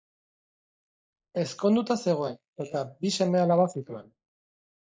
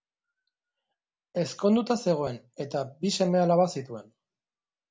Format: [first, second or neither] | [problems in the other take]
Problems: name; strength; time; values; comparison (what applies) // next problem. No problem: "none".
second | noise reduction (neural mask model Resemble Enhance denoiser)